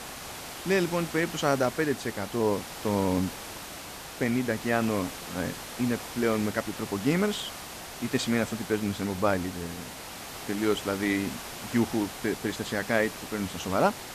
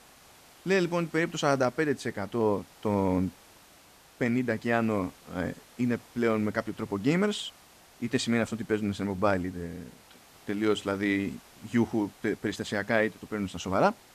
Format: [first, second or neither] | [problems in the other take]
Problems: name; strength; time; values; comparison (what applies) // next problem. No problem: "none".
second | hiss; loud; throughout; 9 dB below the speech; faint in the second